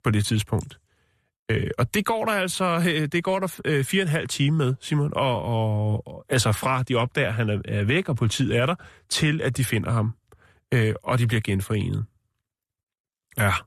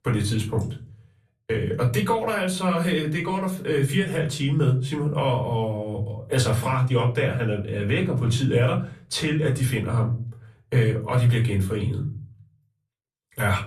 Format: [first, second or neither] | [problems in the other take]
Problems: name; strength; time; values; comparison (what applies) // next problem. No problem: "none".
first | off-mic speech; far // room echo; very slight; dies away in 0.4 s